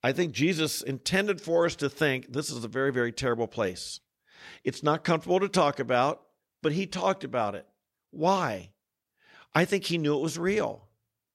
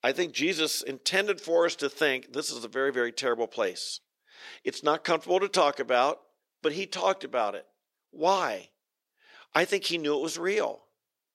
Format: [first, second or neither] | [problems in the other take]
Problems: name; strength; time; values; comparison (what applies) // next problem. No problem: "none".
first | thin; somewhat; fading below 400 Hz